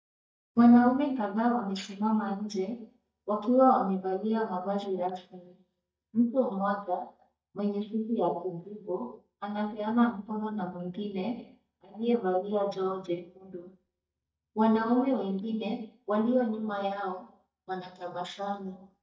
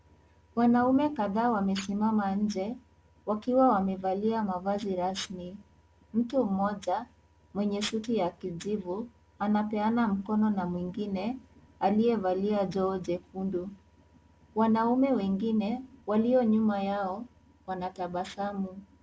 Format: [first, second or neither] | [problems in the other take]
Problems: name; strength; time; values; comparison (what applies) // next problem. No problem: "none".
second | noise reduction (neural mask model DeepFilterNet 3)